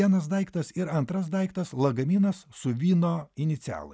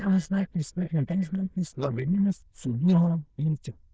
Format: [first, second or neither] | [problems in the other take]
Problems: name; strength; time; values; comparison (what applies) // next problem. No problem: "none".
first | noise reduction (neural diffusion model UNIVERSE++)